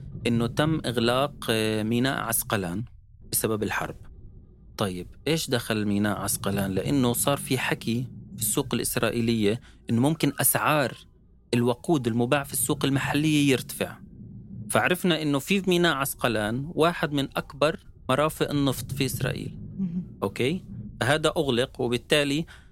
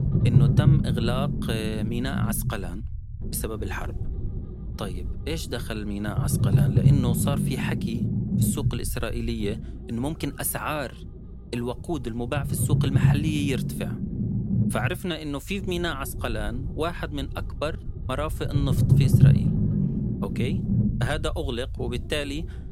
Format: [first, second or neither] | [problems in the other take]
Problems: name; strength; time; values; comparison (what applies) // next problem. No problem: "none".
first | low rumble; loud; throughout; 2 dB below the speech; faint in the first